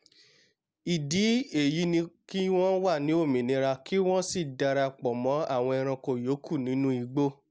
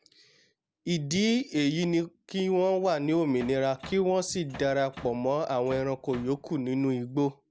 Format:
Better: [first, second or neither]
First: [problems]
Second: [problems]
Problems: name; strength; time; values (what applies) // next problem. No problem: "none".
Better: first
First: none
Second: background sound (Bass drum); 18 dB below the speech